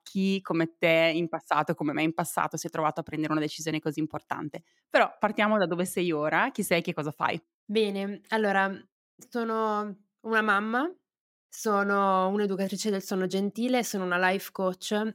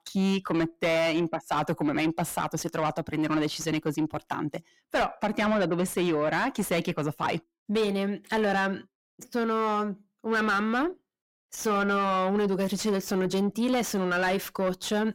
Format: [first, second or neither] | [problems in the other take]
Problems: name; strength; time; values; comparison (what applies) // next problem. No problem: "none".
first | distortion; heavy; 8 dB below the speech